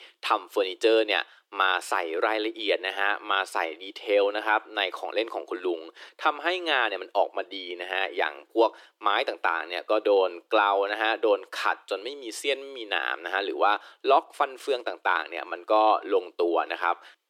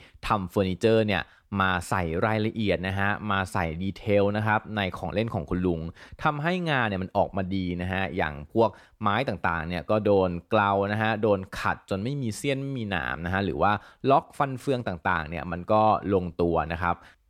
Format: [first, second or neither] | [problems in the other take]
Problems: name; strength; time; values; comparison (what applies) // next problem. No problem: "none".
second | thin; very; fading below 300 Hz